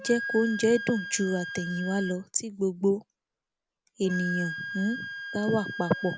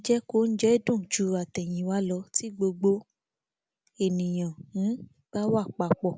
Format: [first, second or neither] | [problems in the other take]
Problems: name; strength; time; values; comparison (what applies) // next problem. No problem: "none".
second | background sound (Wind instrument, woodwind instrument); 9 dB below the speech